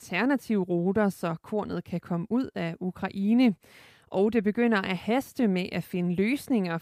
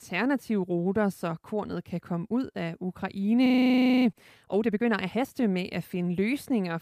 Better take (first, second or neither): first